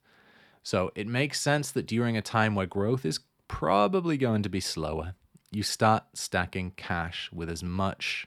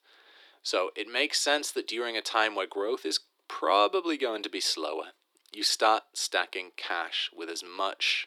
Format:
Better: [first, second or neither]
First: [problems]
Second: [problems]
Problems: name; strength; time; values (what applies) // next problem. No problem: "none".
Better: first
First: none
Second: thin; very; fading below 300 Hz